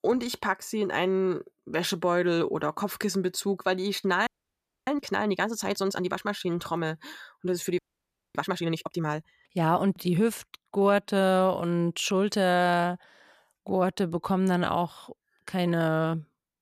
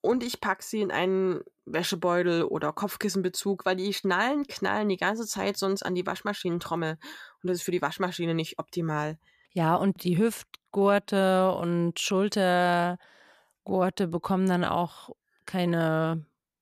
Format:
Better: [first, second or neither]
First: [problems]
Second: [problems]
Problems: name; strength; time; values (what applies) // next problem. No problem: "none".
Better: second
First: audio freezing; at 4.5 s for 0.5 s and at 8 s for 0.5 s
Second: none